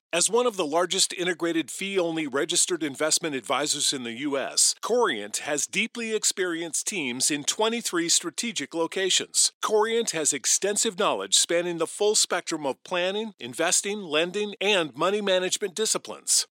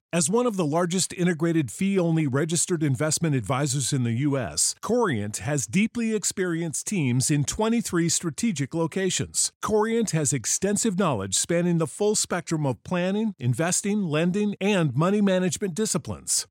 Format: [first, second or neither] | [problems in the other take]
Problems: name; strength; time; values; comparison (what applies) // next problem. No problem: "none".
second | thin; somewhat; fading below 350 Hz